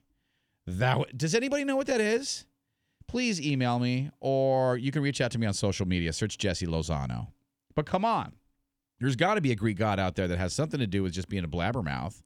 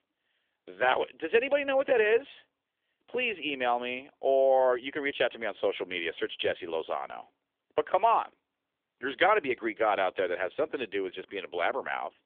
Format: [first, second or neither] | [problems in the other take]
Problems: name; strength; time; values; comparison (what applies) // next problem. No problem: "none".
first | phone-call audio; nothing above 3.5 kHz